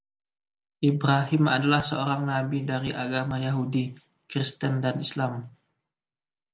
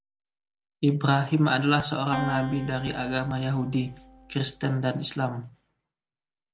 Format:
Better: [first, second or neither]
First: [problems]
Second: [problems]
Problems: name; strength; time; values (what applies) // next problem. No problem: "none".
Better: first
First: none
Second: background sound (Acoustic guitar); 12 dB below the speech